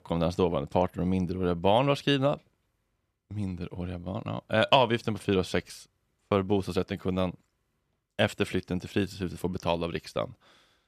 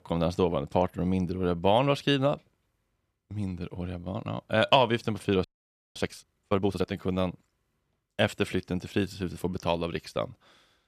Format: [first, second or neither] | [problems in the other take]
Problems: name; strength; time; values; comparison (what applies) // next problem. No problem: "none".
first | audio freezing; at 5.5 s for 0.5 s